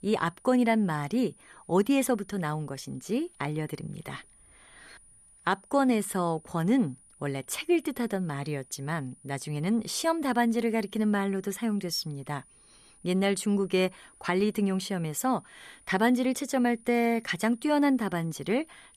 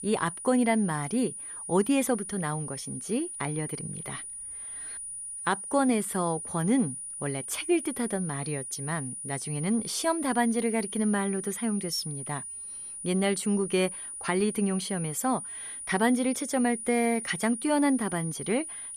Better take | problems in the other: first | high-pitched whine; loud; throughout; 9.5 kHz, 7 dB below the speech; faint in the first

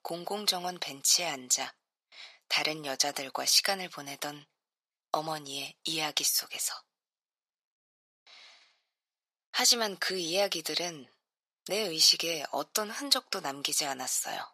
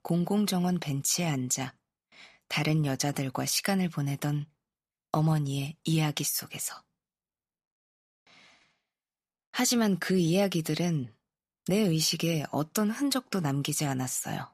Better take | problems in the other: second | thin; very; fading below 600 Hz

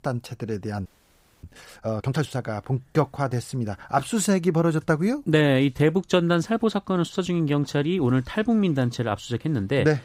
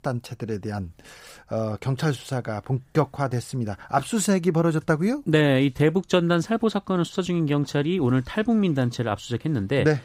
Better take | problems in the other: second | audio freezing; at 1 s for 0.5 s

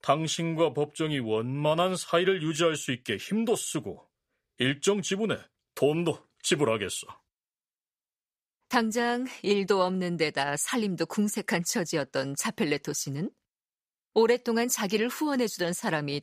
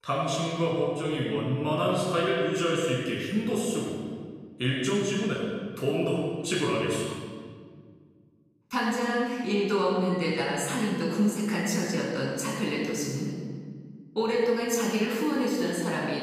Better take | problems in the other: first | off-mic speech; far // room echo; noticeable; dies away in 1.7 s

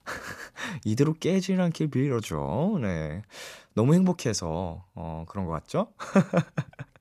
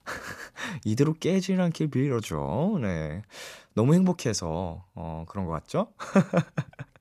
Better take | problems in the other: neither | none

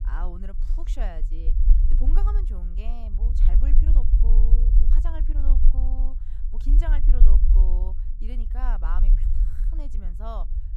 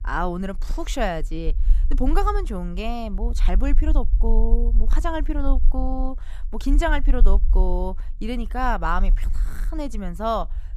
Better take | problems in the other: second | low rumble; loud; throughout; 5 dB below the speech; faint in the second

